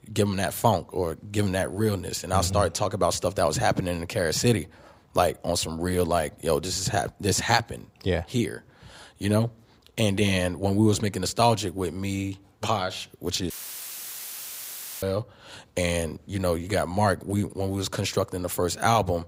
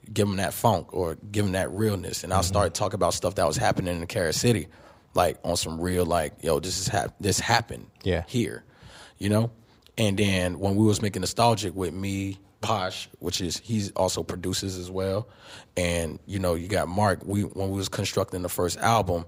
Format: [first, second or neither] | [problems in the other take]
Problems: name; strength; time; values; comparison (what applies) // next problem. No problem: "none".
second | audio cutting out; filled with static; at 14 s for 1.5 s